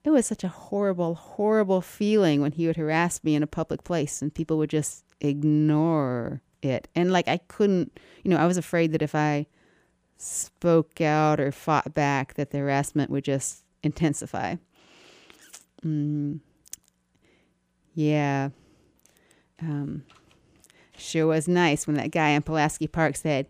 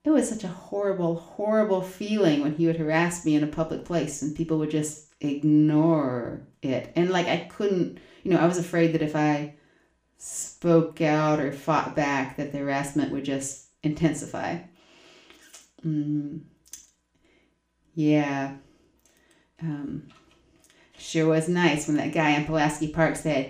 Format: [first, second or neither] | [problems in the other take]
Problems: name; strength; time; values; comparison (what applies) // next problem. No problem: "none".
first | room echo; slight; dies away in 0.4 s // off-mic speech; somewhat distant